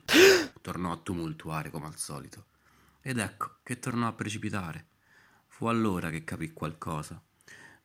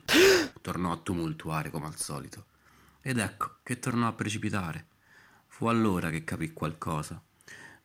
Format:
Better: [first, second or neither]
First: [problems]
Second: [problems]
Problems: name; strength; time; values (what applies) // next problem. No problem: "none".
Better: first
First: none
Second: distortion; slight; 10 dB below the speech